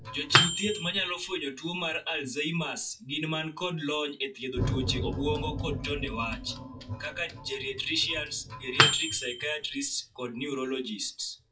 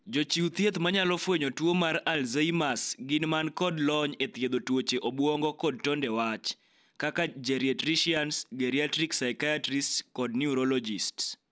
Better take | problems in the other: second | noise reduction (classical method WPE with log-MMSE)

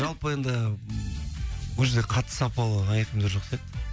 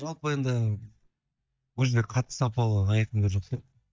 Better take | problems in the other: first | noise reduction (neural mask model DeepFilterNet 3)

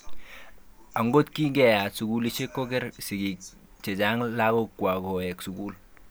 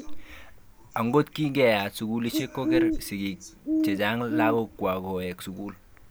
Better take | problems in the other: first | background sound (Bird); 4 dB below the speech

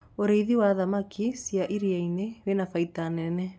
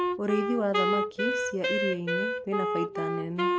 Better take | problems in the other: first | background sound (Wind instrument, woodwind instrument); 3 dB above the speech

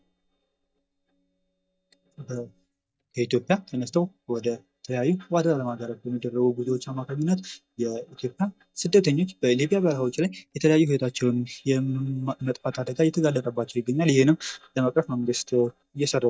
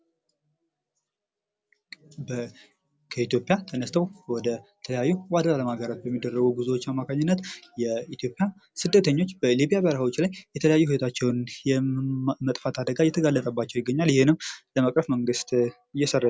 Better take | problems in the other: second | noise reduction (neural mask model DeepFilterNet 3)

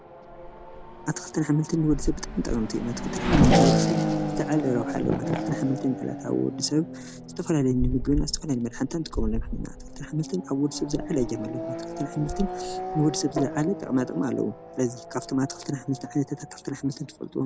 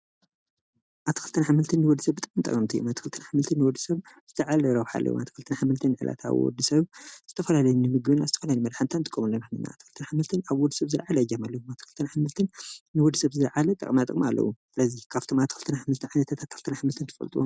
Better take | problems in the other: second | background sound (Race car, auto racing / Accelerating, revving, vroom); 1 dB below the speech

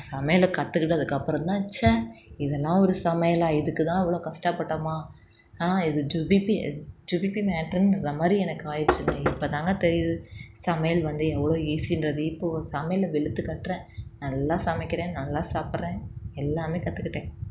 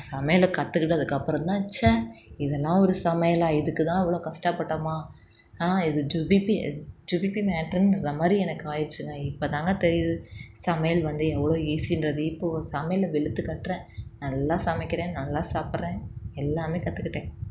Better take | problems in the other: second | background sound (Knock); 4 dB below the speech

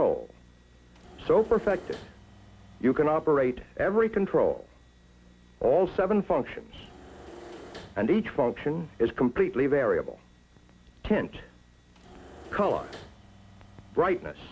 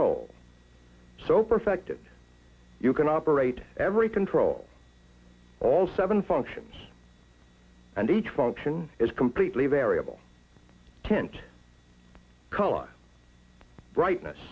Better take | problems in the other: second | background sound (Engine / Mechanisms); 20 dB below the speech

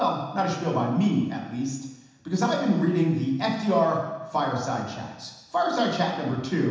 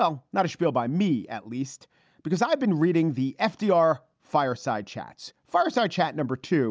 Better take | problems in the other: second | room echo; dies away in 1.1 s

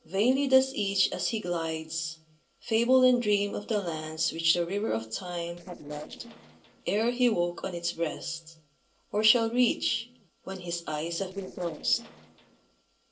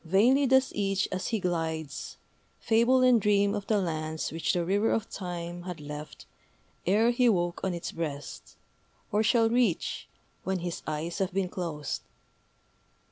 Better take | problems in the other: second | noise reduction (neural separator model SepFormer DNS4)

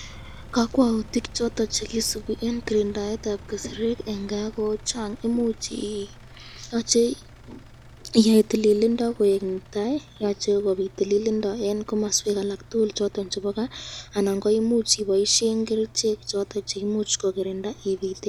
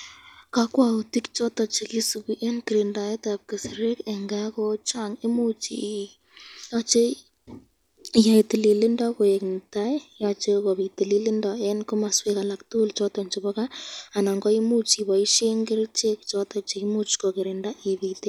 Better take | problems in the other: second | background sound (Engine); 20 dB below the speech

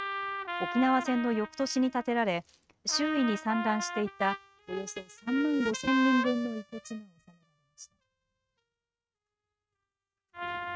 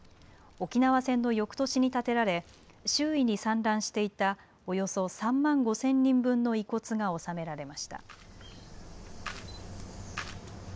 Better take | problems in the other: second | noise reduction (neural mask model RNNoise)

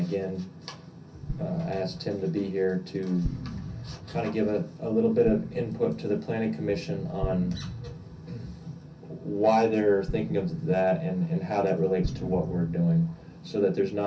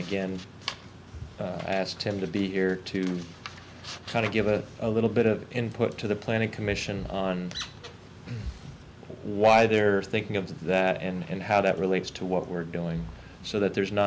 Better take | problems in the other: second | background sound (Explosion); 11 dB below the speech // room echo; dies away in 0.3 s

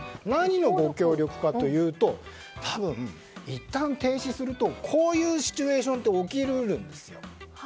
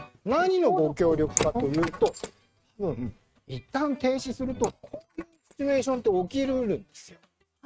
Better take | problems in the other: first | noise reduction (neural mask model RNNoise)

